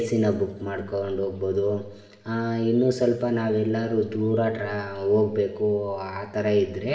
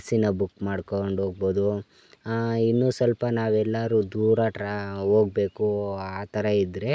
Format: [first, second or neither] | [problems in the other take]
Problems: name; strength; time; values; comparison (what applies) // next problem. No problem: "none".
second | room echo; dies away in 1.1 s